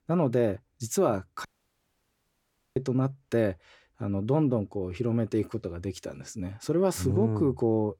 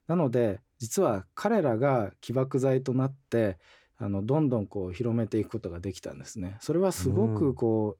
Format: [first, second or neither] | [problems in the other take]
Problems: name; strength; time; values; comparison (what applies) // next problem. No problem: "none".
second | audio cutting out; at 1.5 s for 1.5 s